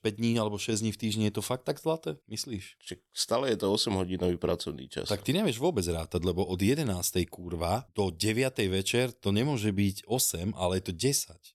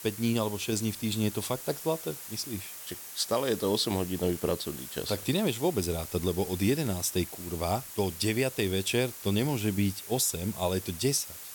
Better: first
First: none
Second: hiss; noticeable; throughout; 10 dB below the speech

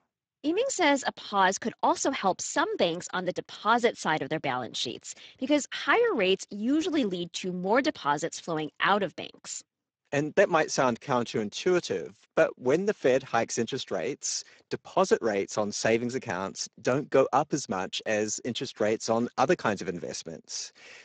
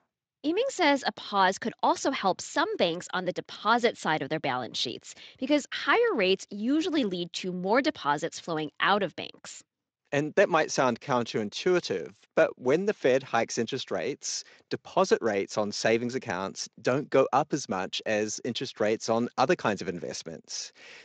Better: second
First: garbled, watery; badly; nothing above 7.5 kHz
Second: garbled, watery; slightly; nothing above 7.5 kHz

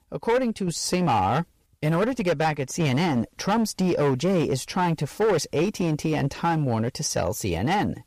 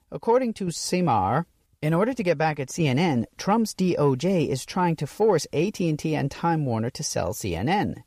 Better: second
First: distortion; slight; 12% of the sound clipped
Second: none

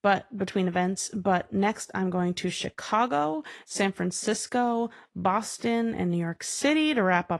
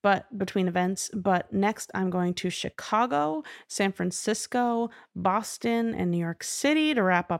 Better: second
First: garbled, watery; slightly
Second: none

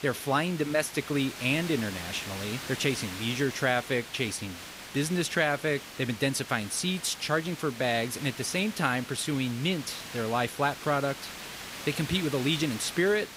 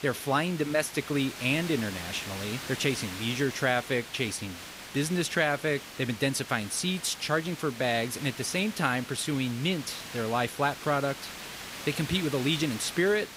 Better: neither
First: hiss; noticeable; throughout; 10 dB below the speech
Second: hiss; noticeable; throughout; 10 dB below the speech

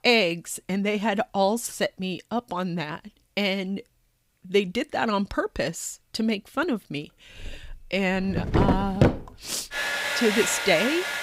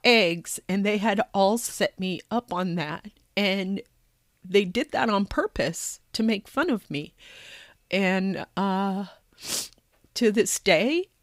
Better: second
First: household noises; very loud; from 8 s on; 1 dB above the speech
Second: none

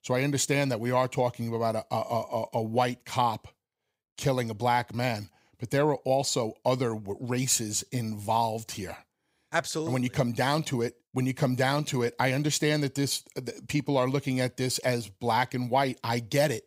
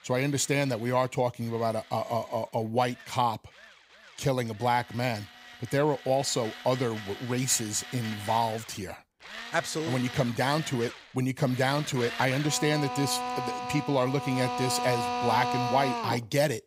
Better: first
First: none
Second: machinery noise; loud; throughout; 7 dB below the speech

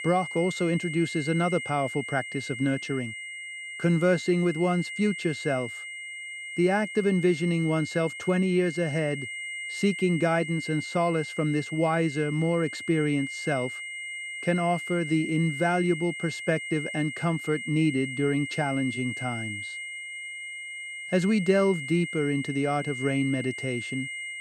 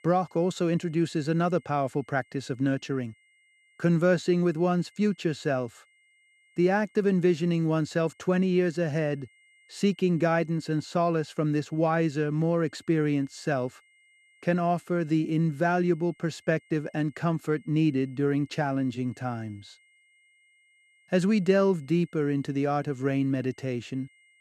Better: second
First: high-pitched whine; loud; throughout; 2 kHz, 7 dB below the speech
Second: high-pitched whine; faint; throughout; 2 kHz, 35 dB below the speech

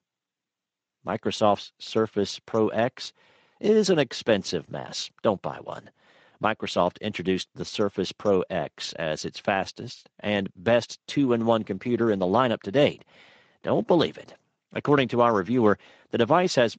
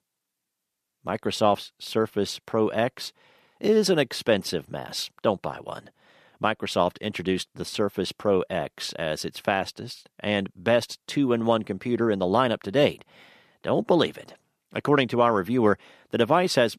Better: second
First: garbled, watery; slightly; nothing above 7.5 kHz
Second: none

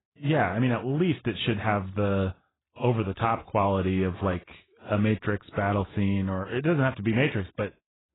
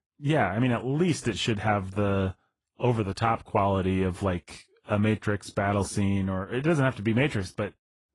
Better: second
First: garbled, watery; badly; nothing above 3.5 kHz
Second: garbled, watery; slightly; nothing above 10.5 kHz

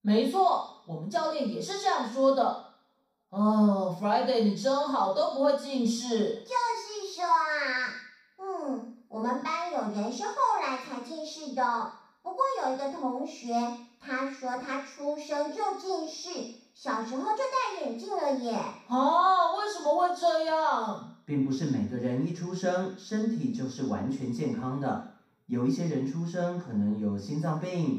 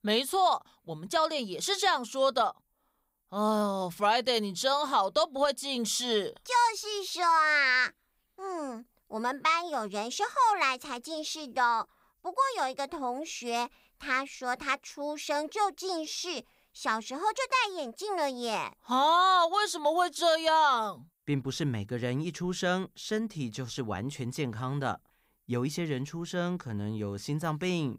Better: second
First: room echo; noticeable; dies away in 0.6 s // off-mic speech; far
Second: none

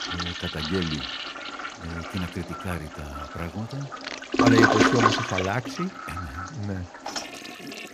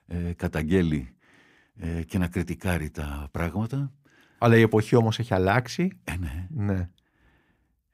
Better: second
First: household noises; very loud; throughout; 4 dB above the speech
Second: none

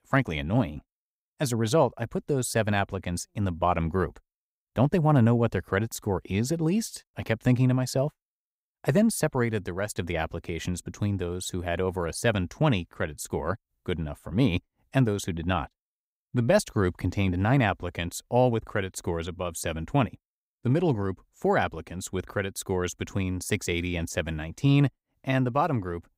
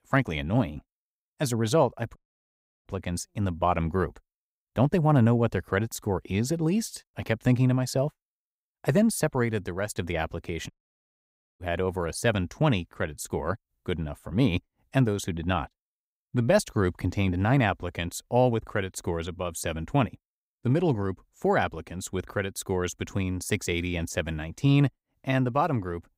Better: first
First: none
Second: audio cutting out; at 2 s for 0.5 s and at 11 s for 1 s

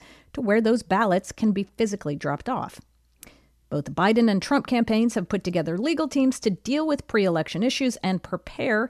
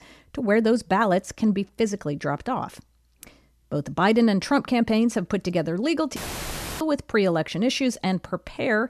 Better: first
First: none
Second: audio cutting out; filled with static; at 6 s for 0.5 s

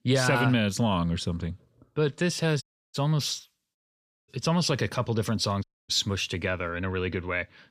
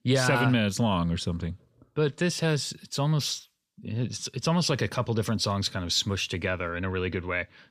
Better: second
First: audio cutting out; at 2.5 s, at 4 s for 0.5 s and at 5.5 s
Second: none

